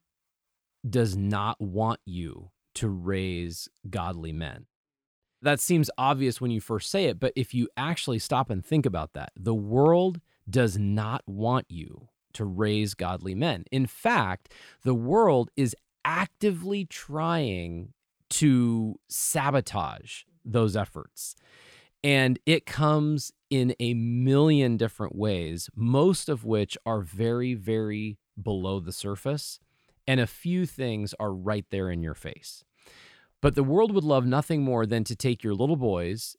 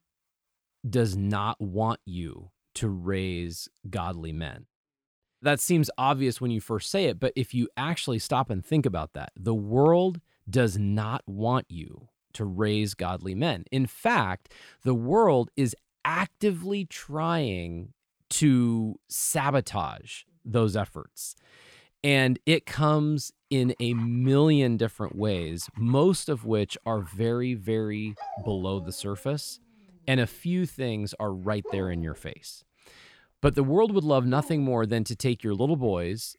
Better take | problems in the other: first | animal sounds; faint; from 24 s on; 20 dB below the speech

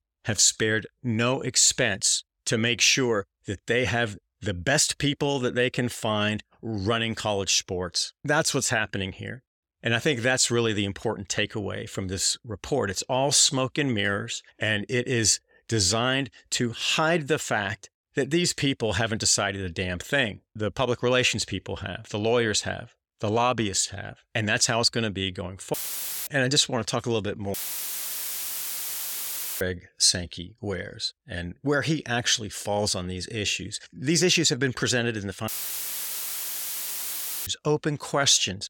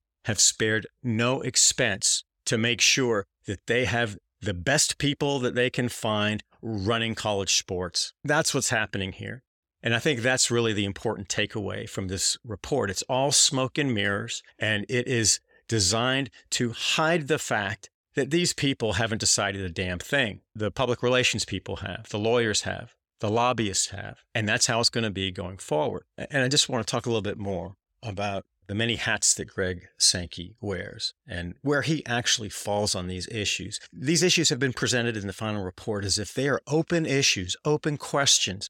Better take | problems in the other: second | audio cutting out; filled with static; at 26 s for 0.5 s, at 28 s for 2 s and at 35 s for 2 s

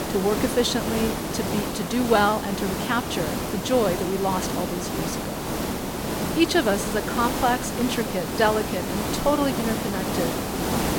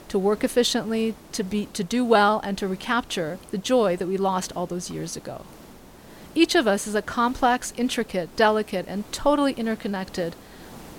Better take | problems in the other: second | hiss; loud; throughout; 2 dB below the speech; faint in the second

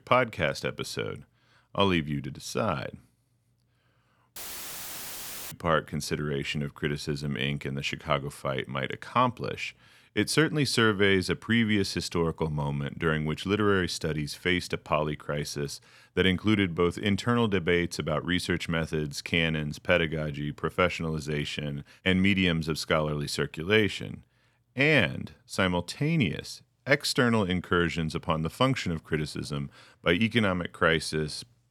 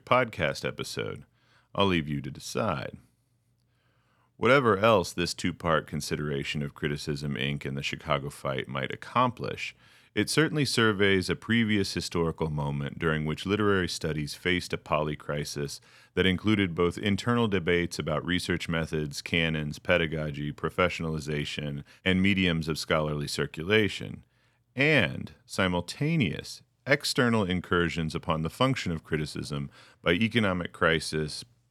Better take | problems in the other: second | audio cutting out; filled with static; at 4.5 s for 1 s

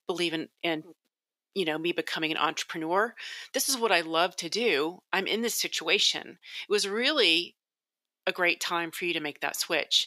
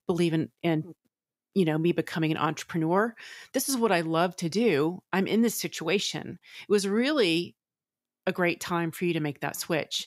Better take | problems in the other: second | thin; somewhat; fading below 400 Hz

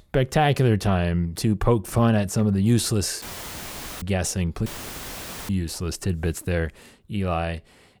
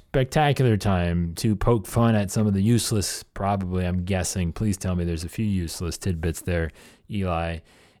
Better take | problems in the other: second | audio cutting out; filled with static; at 3 s for 1 s and at 4.5 s for 1 s

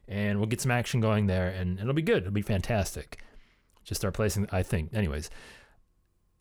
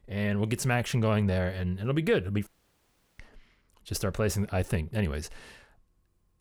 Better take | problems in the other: first | audio cutting out; at 2.5 s for 0.5 s

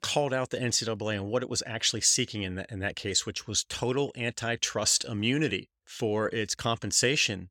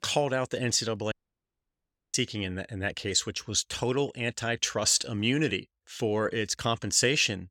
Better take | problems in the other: first | audio cutting out; at 1 s for 1 s

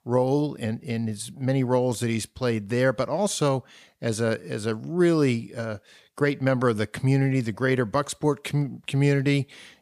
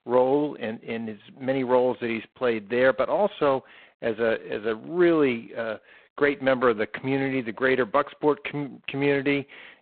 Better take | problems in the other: first | phone-call audio; poor line; nothing above 4 kHz

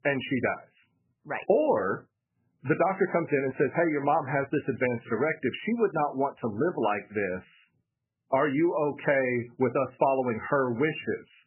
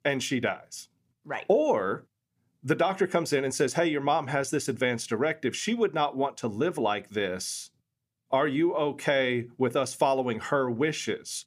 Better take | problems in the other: second | garbled, watery; badly; nothing above 2.5 kHz

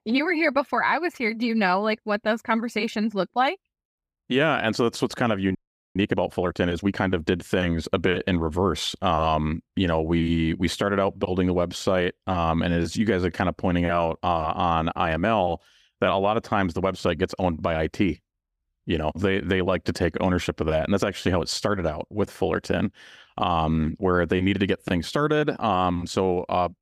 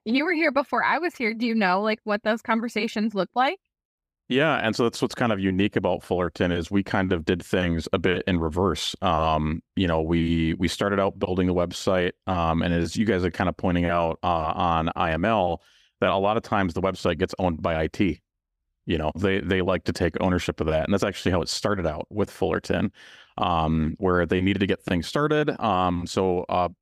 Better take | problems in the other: second | audio freezing; at 5.5 s

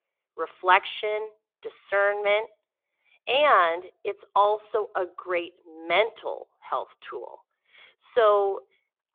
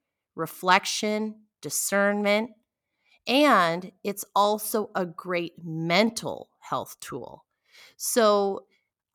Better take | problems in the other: second | phone-call audio; nothing above 3.5 kHz

